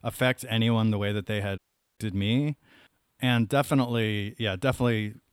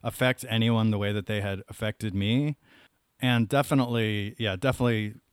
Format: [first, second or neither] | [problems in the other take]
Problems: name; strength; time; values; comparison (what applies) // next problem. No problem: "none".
second | audio cutting out; at 1.5 s